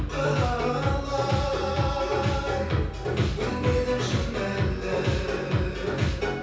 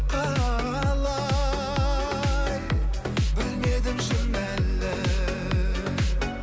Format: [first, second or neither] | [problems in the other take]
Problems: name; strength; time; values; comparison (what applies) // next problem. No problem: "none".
second | room echo; dies away in 0.6 s